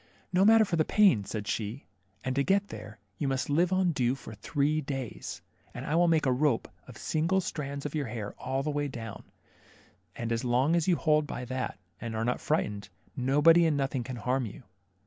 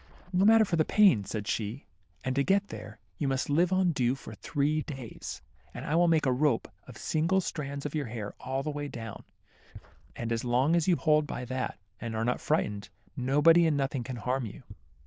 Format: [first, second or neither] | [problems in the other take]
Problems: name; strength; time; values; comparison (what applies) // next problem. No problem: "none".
first | noise reduction (neural diffusion model UNIVERSE++)